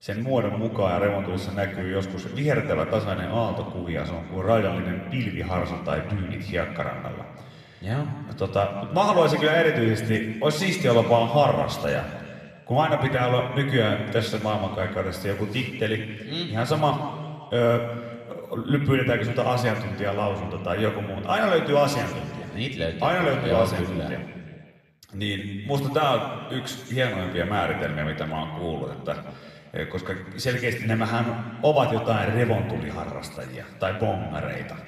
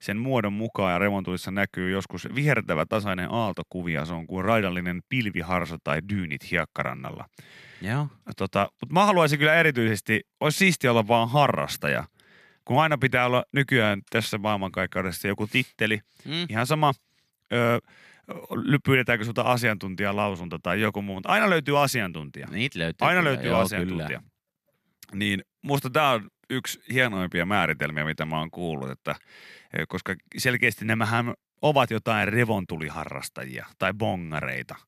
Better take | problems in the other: second | room echo; noticeable; dies away in 1.7 s // off-mic speech; somewhat distant

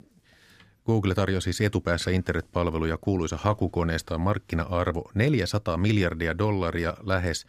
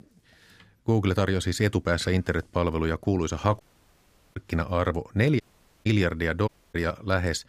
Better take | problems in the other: first | audio cutting out; at 3.5 s for 1 s, at 5.5 s and at 6.5 s

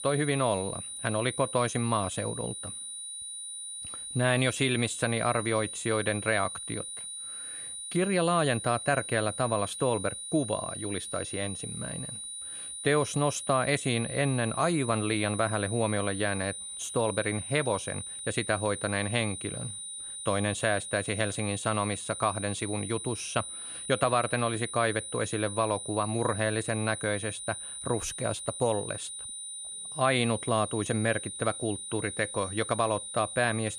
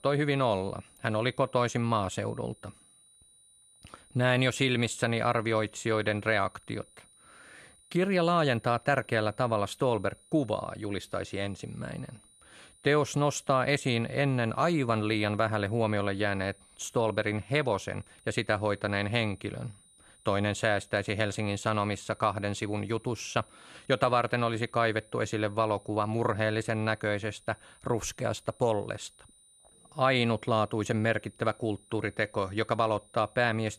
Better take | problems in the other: second | high-pitched whine; loud; throughout; 9.5 kHz, 7 dB below the speech; faint in the second

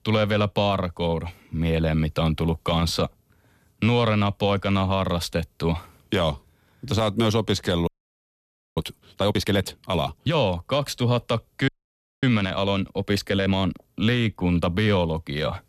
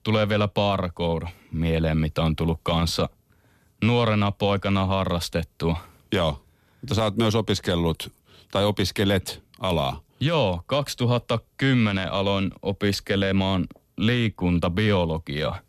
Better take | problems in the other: second | audio freezing; at 8 s for 1 s and at 12 s for 0.5 s

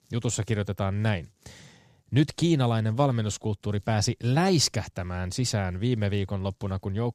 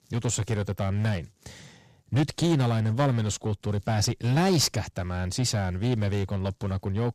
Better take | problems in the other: first | distortion; slight; 8% of the sound clipped

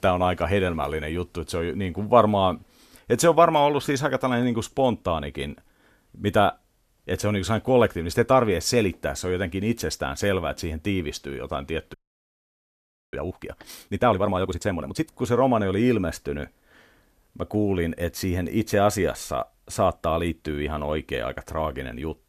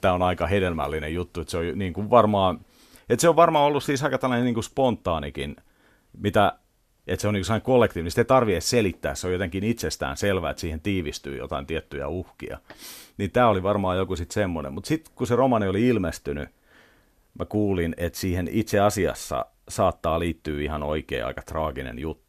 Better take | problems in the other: second | audio freezing; at 12 s for 1 s

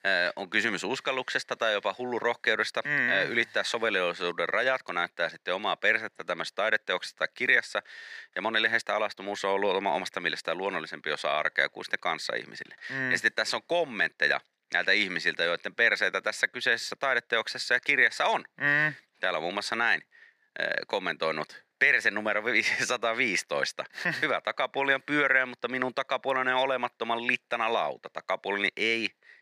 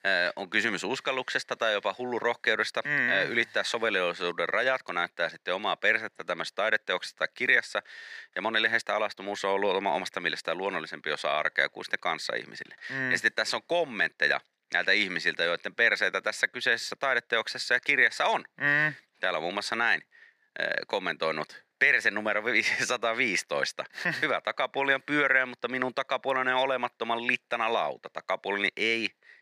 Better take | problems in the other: neither | thin; somewhat; fading below 300 Hz; the same in both

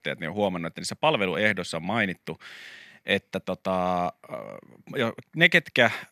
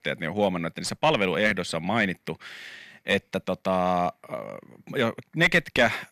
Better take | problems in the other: first | distortion; slight; 10 dB below the speech

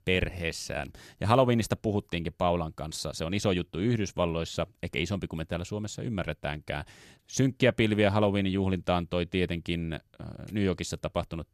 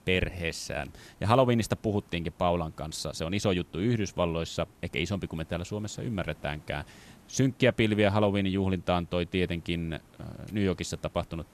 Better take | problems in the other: first | hiss; faint; throughout; 30 dB below the speech

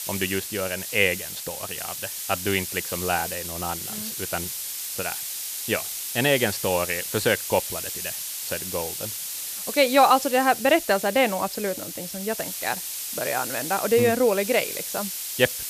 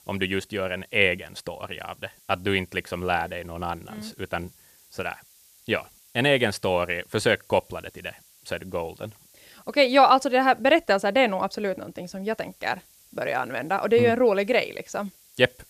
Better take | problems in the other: second | hiss; loud; throughout; 5 dB below the speech; faint in the second

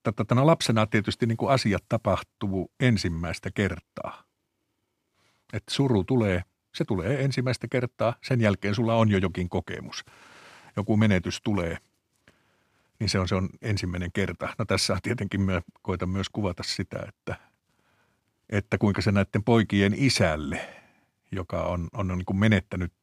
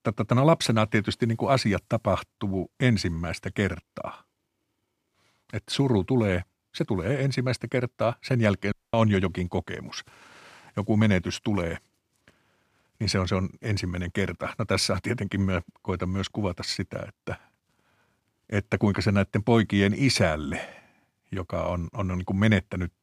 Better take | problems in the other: first | audio cutting out; at 8.5 s

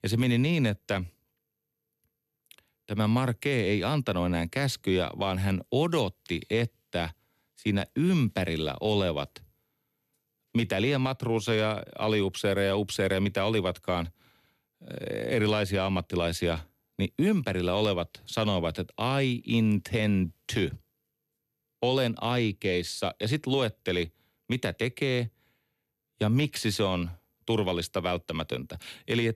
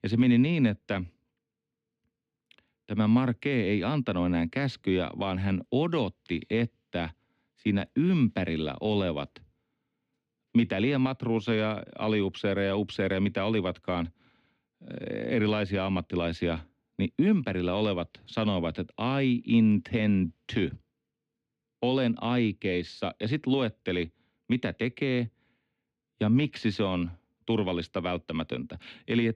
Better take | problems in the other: first | muffled; very slightly; fading above 3 kHz

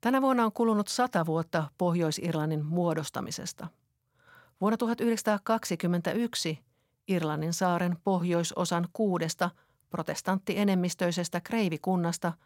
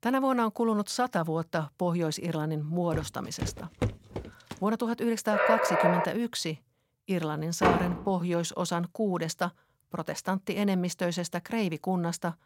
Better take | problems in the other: first | footsteps; noticeable; from 3 to 4.5 s; peak 3 dB below the speech // dog barking; loud; at 5.5 s; peak 5 dB above the speech // door banging; loud; at 7.5 s; peak 3 dB above the speech

